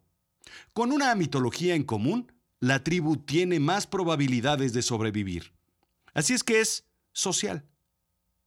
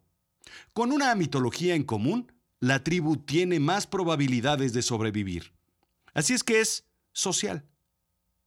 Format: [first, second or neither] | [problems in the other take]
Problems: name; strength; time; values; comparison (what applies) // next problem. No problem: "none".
neither | none